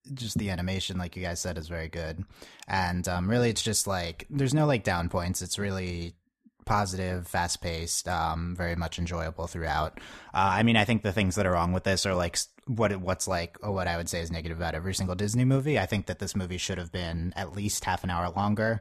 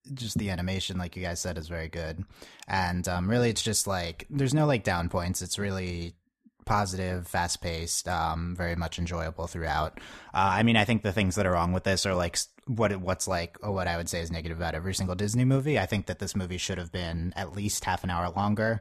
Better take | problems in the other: neither | none

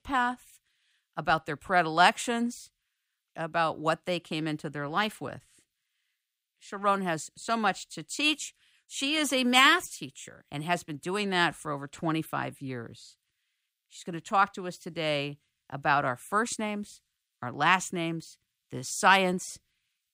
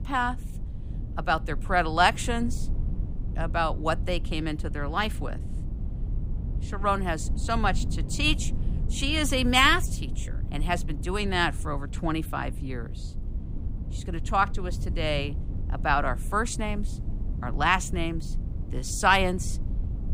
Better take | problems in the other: first | low rumble; faint; throughout; 20 dB below the speech

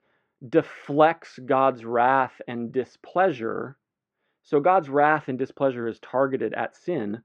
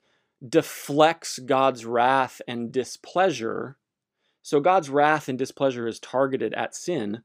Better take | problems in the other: second | muffled; very; fading above 2 kHz

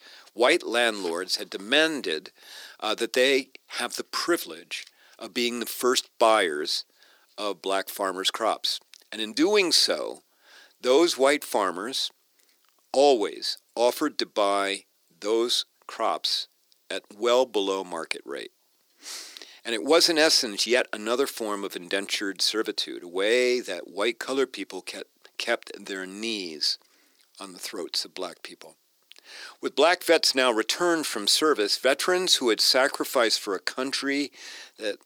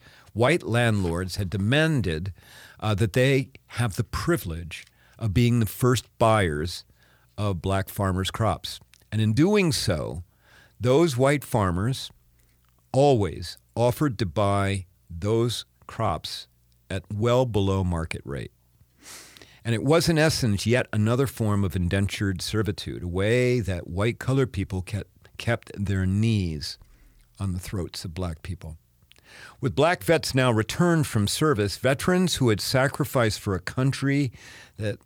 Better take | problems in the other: second | thin; somewhat; fading below 300 Hz

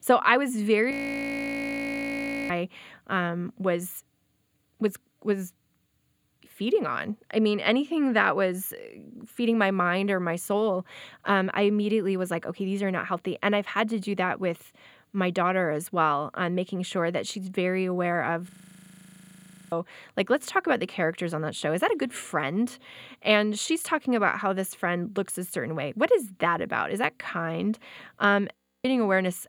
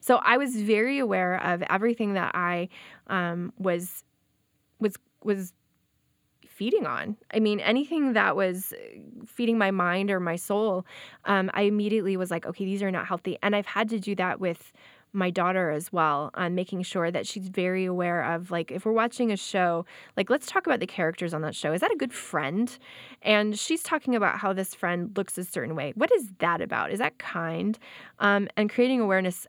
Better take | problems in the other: second | audio freezing; at 1 s for 1.5 s, at 18 s for 1 s and at 29 s

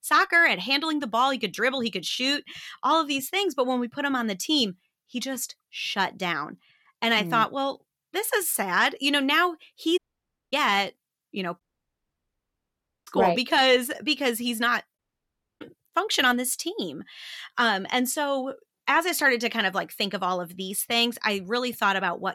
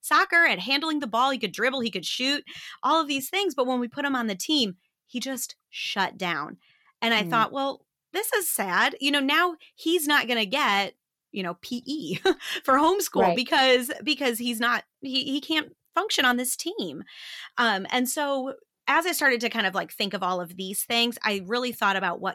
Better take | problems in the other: second | audio cutting out; at 10 s for 0.5 s, at 12 s for 1.5 s and at 15 s for 0.5 s

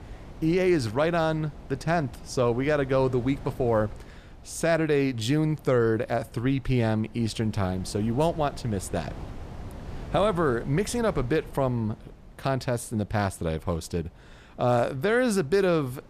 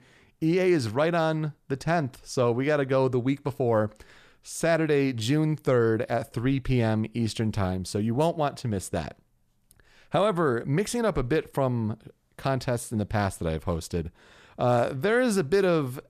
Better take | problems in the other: second | wind noise on the microphone; occasional gusts; 20 dB below the speech

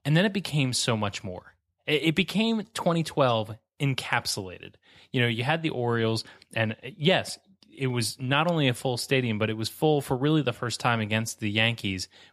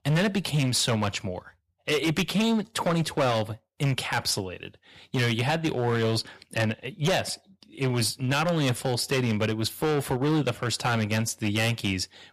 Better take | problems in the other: first | distortion; heavy; 11% of the sound clipped

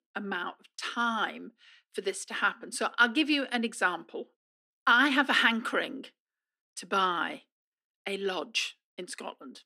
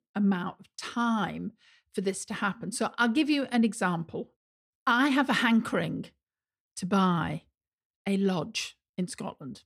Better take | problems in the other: second | thin; somewhat; fading below 250 Hz

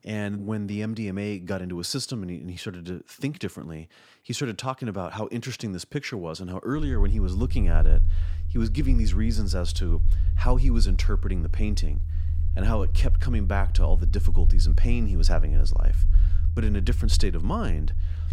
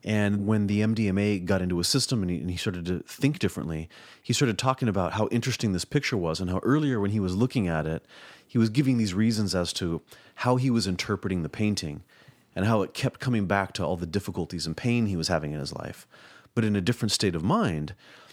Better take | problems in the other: second | low rumble; noticeable; from 7 s on; 10 dB below the speech

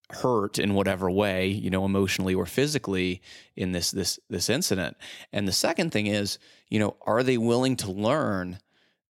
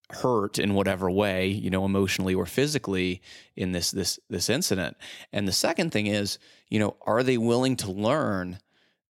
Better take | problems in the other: neither | none

